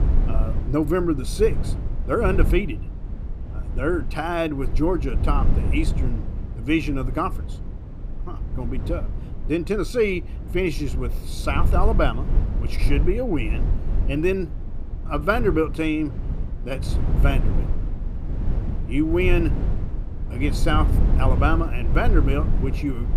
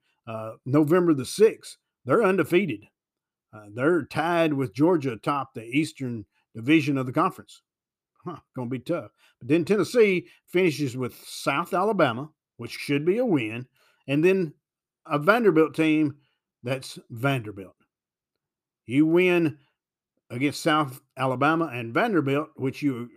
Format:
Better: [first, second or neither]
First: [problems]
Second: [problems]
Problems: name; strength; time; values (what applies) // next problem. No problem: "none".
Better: second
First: low rumble; noticeable; throughout; 15 dB below the speech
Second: none